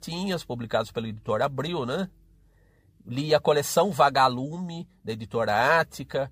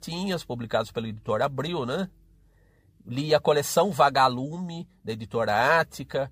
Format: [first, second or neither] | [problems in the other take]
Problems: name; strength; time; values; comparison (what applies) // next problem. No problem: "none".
neither | none